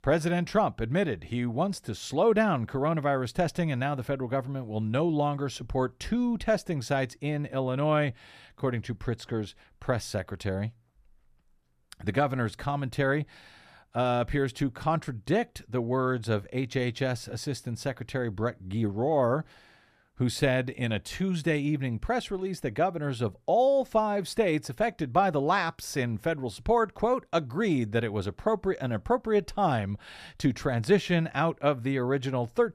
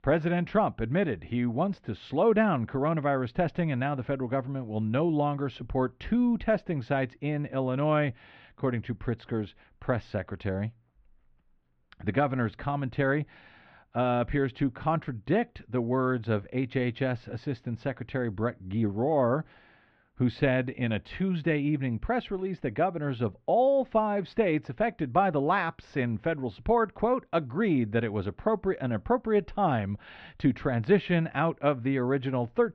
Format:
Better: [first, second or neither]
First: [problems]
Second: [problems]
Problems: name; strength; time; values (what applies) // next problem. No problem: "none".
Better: first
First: none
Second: muffled; very; fading above 3 kHz